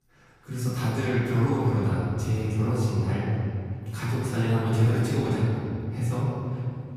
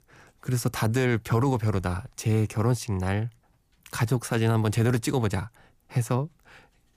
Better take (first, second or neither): second